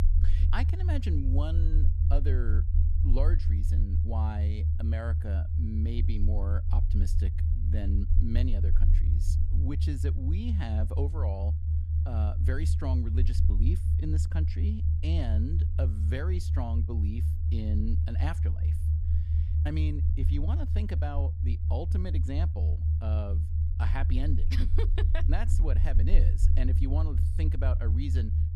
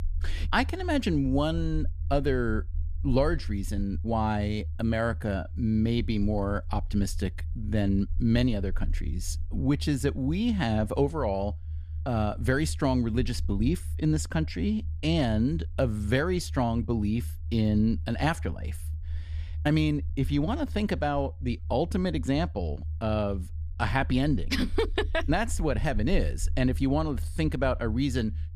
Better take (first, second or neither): second